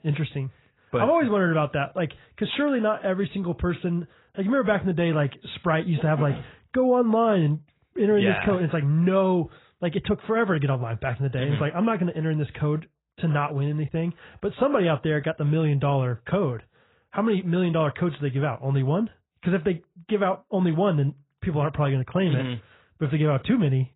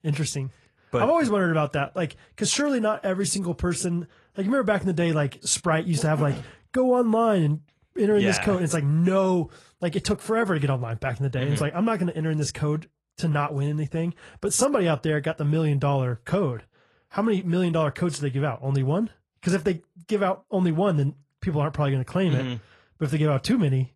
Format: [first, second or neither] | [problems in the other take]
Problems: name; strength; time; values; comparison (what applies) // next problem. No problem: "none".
second | garbled, watery; badly; nothing above 4 kHz; slightly in the second